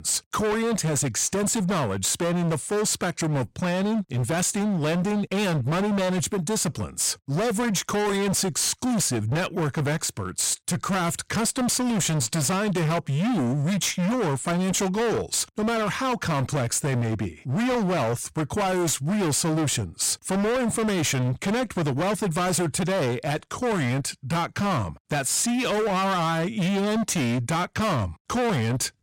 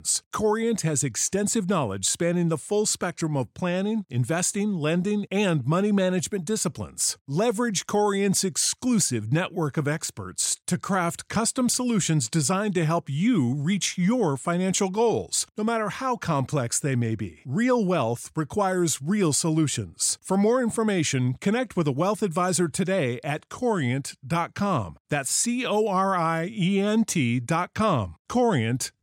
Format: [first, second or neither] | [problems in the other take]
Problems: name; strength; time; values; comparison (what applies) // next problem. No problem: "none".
second | distortion; heavy; 37% of the sound clipped